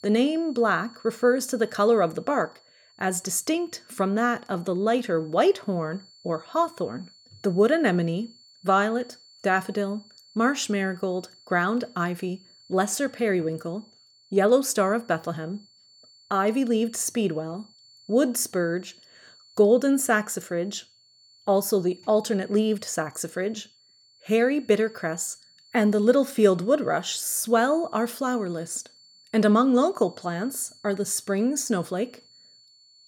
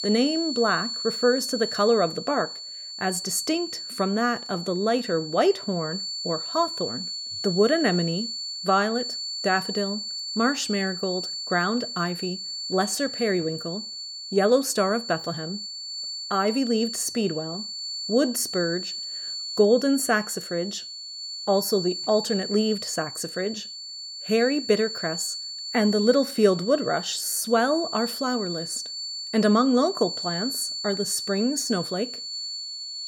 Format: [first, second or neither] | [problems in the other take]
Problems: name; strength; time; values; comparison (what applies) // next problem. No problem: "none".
first | high-pitched whine; loud; throughout; 4.5 kHz, 6 dB below the speech; faint in the first